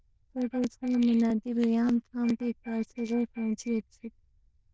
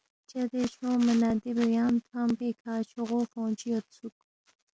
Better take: second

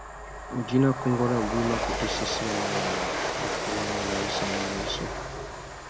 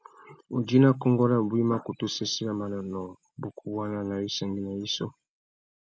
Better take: second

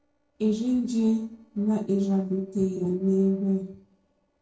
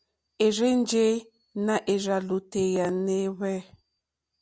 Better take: second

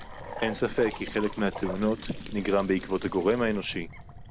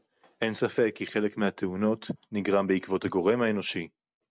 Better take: second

